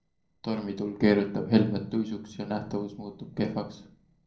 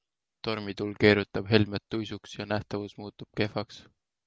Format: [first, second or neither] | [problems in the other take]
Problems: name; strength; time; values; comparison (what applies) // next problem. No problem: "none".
second | noise reduction (neural separator model SepFormer DNS4)